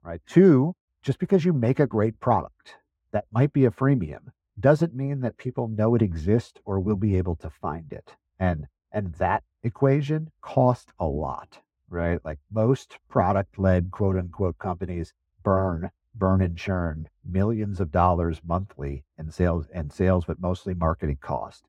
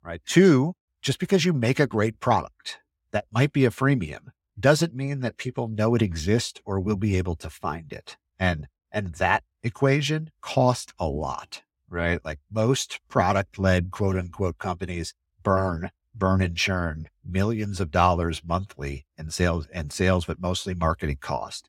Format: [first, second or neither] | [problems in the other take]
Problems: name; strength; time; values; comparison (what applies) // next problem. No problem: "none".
second | muffled; very; fading above 2 kHz